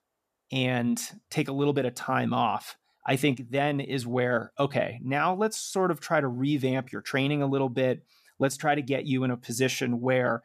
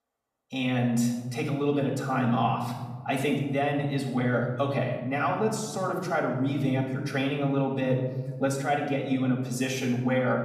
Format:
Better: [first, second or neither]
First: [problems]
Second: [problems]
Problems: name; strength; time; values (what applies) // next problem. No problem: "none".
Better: first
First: none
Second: off-mic speech; far // room echo; noticeable; dies away in 2.1 s